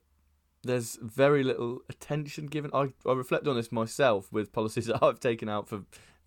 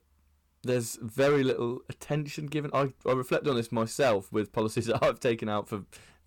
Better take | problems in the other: first | distortion; slight; 4% of the sound clipped

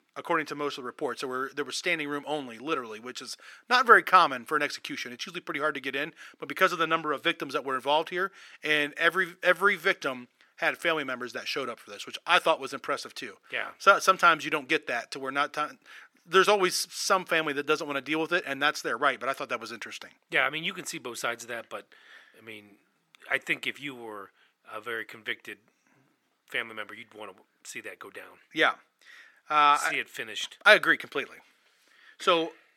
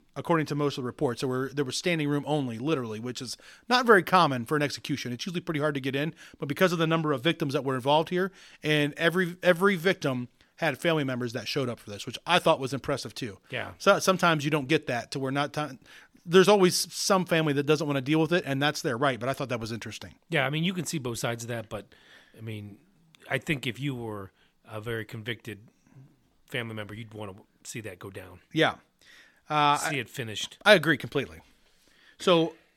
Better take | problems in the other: second | thin; somewhat; fading below 350 Hz

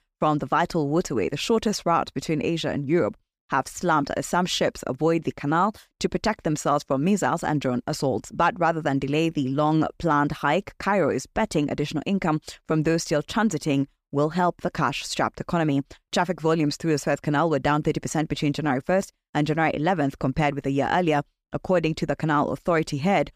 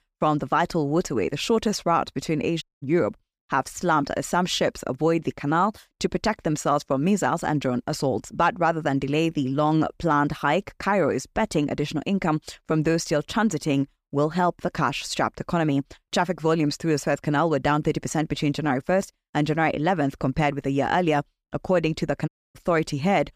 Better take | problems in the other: first | audio cutting out; at 2.5 s and at 22 s

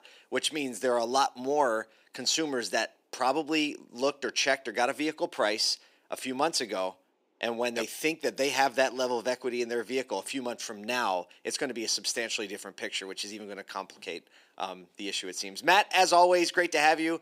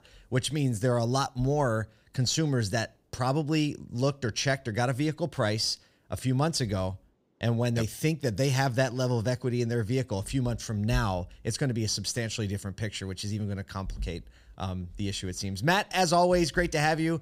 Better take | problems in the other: second | thin; somewhat; fading below 300 Hz

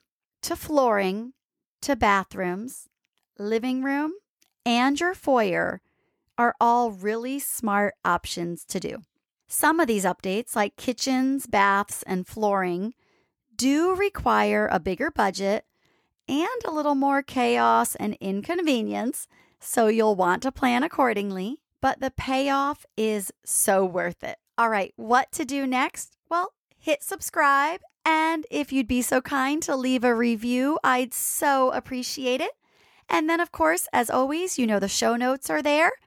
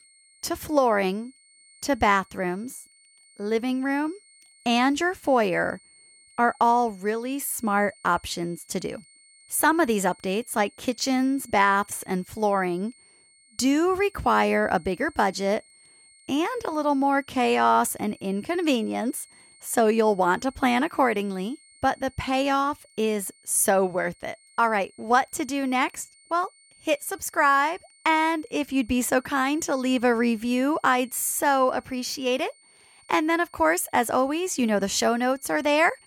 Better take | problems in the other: first | high-pitched whine; faint; throughout; 8.5 kHz, 30 dB below the speech

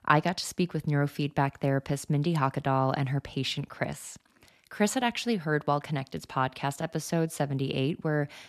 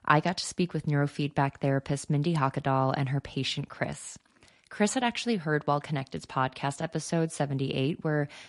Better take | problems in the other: first | garbled, watery; slightly; nothing above 11 kHz

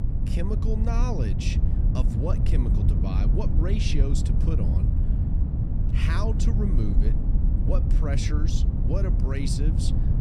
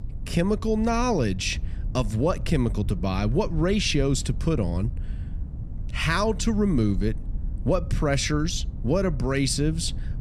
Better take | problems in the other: second | low rumble; loud; throughout; 3 dB below the speech; faint in the second

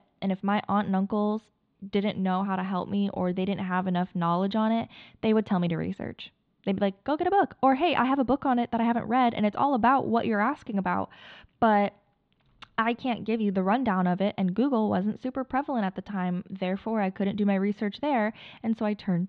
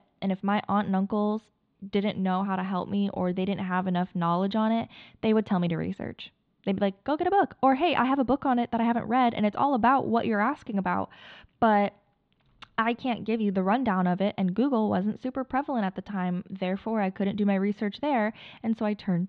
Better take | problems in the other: neither | muffled; very; fading above 4 kHz; the same in both

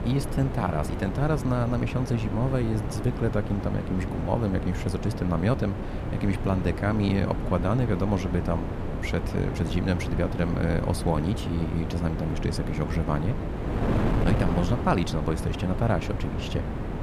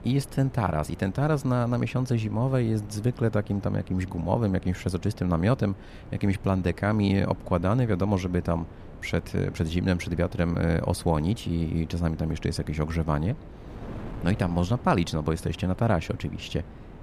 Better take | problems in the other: second | wind noise on the microphone; heavy; 5 dB below the speech; occasional gusts in the second

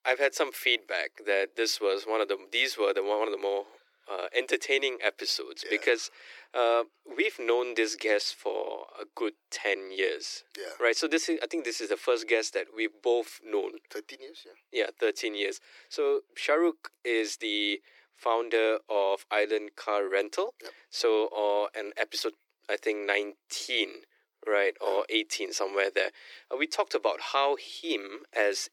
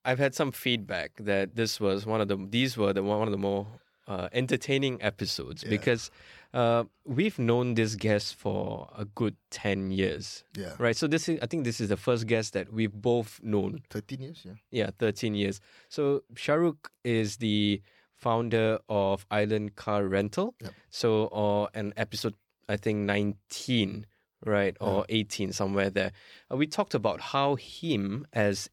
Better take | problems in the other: second | thin; very; fading below 300 Hz

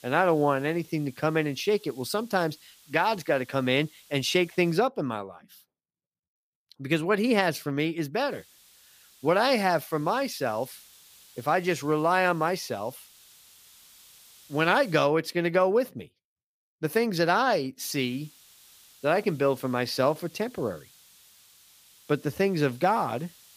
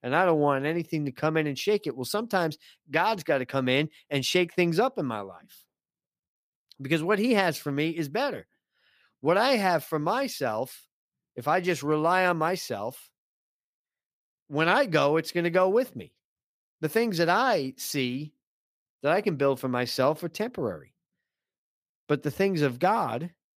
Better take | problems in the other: second | hiss; faint; until 5 s, from 8.5 to 15 s and from 18 s on; 25 dB below the speech

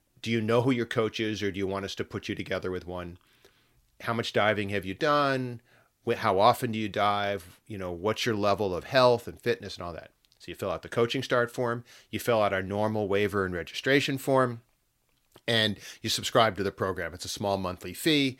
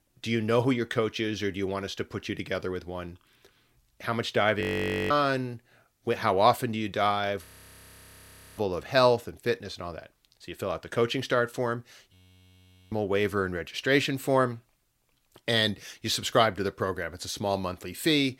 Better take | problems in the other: first | audio freezing; at 4.5 s, at 7.5 s for 1 s and at 12 s for 1 s

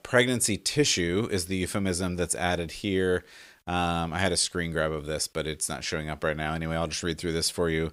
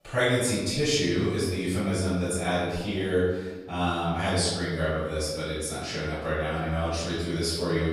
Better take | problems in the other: first | off-mic speech; far // room echo; strong; dies away in 1.2 s

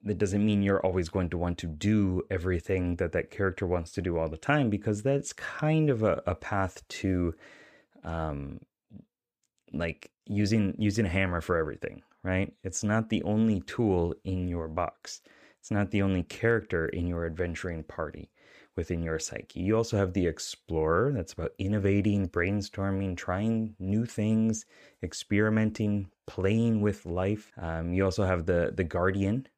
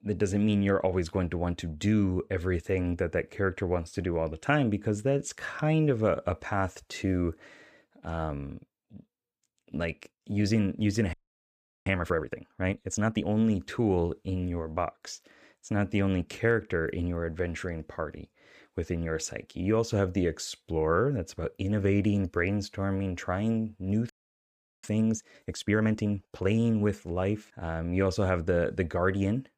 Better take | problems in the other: first | audio freezing; at 11 s for 0.5 s and at 24 s for 0.5 s

